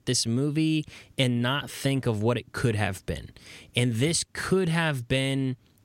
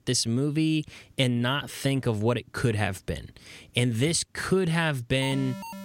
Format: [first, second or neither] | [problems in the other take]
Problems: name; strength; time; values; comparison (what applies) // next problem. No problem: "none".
first | alarm; faint; at 5 s; peak 10 dB below the speech